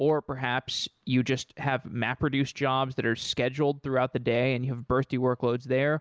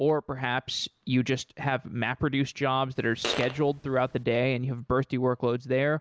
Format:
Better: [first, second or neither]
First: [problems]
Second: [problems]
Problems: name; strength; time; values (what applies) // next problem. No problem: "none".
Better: first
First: none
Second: background sound (Fart); 10 dB below the speech